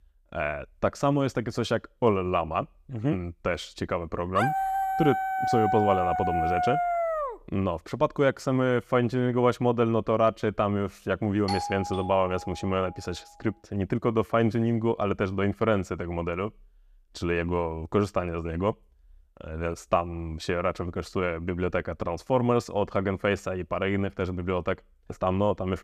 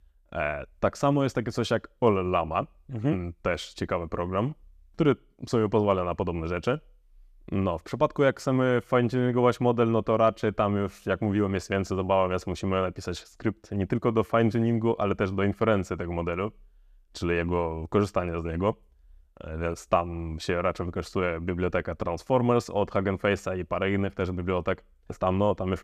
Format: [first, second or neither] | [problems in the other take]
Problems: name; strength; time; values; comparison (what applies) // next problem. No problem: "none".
second | dog barking; loud; from 4.5 to 7.5 s; peak 2 dB above the speech // doorbell; noticeable; from 11 to 13 s; peak 4 dB below the speech